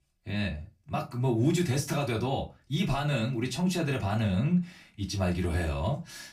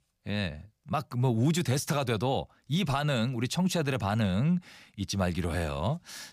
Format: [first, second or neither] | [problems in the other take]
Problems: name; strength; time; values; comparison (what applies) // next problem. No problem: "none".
second | off-mic speech; far // room echo; very slight; dies away in 0.2 s